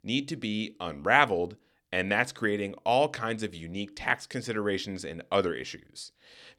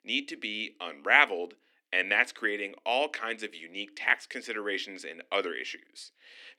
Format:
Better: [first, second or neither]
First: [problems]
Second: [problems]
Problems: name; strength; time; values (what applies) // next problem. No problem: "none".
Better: first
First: none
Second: thin; somewhat; fading below 250 Hz